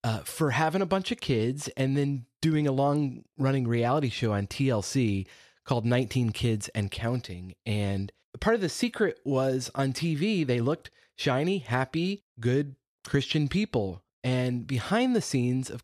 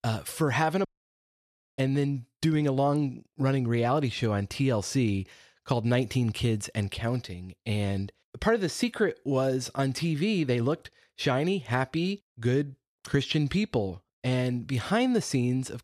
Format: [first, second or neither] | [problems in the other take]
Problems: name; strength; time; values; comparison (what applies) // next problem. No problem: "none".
first | audio cutting out; at 1 s for 1 s